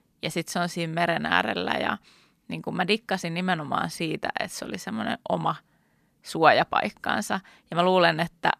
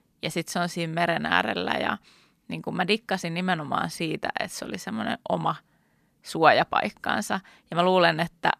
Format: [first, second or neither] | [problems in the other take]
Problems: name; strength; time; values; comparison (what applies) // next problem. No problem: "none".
neither | none